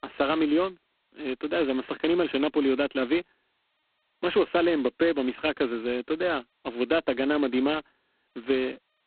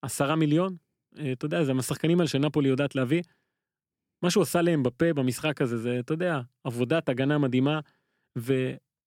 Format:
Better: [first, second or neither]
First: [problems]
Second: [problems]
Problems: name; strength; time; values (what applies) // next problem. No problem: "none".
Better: second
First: phone-call audio; poor line; nothing above 4 kHz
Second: none